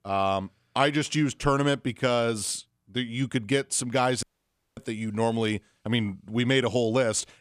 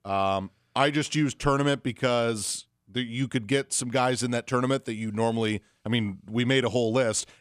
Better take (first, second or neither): second